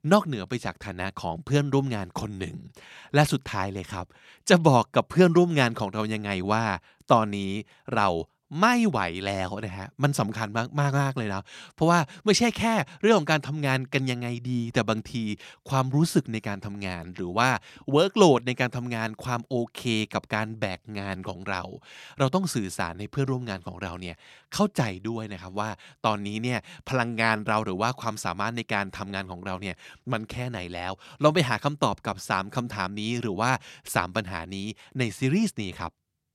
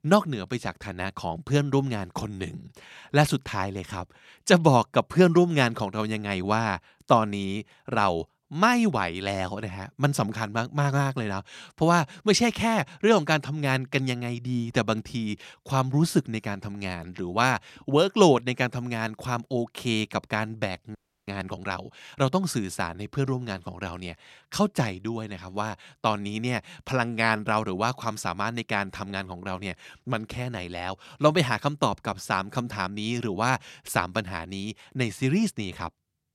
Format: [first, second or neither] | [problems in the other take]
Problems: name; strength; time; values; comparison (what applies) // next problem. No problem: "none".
first | audio freezing; at 21 s